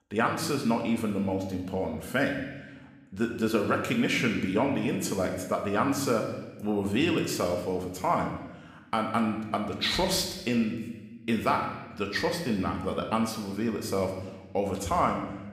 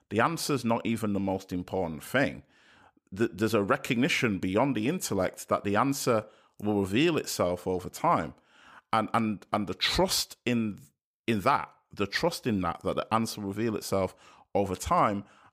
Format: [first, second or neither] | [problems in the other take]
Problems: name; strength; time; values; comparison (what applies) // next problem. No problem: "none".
second | room echo; noticeable; dies away in 1 s // off-mic speech; somewhat distant